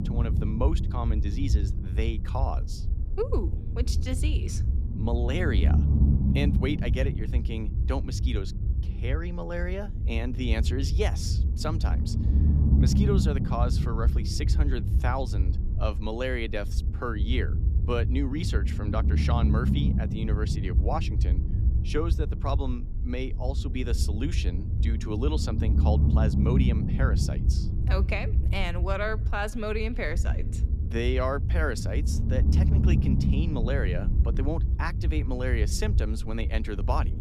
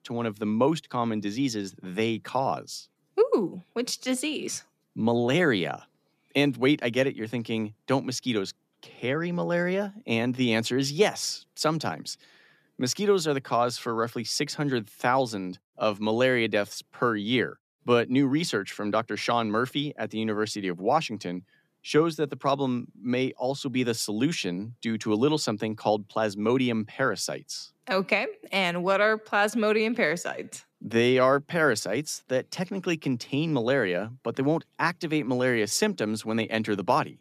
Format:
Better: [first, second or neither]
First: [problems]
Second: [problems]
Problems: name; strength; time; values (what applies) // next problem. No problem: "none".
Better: second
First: low rumble; loud; throughout; 6 dB below the speech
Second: none